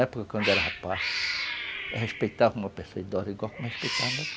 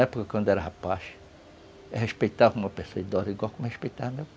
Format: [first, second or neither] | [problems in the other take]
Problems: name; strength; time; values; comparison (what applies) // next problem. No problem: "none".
second | background sound (Cat); 3 dB below the speech